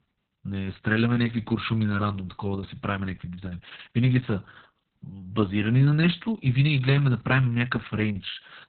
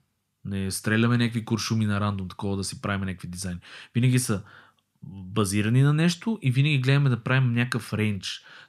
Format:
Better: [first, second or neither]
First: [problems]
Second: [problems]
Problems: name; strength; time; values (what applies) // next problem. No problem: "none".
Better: second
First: garbled, watery; badly; nothing above 4 kHz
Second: none